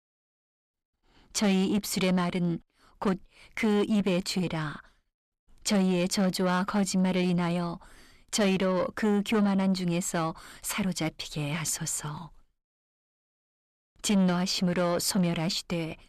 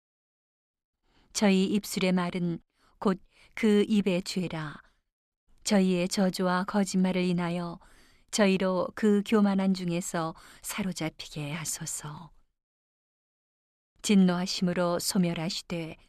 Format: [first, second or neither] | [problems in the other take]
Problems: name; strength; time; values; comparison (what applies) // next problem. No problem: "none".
second | distortion; slight; 10 dB below the speech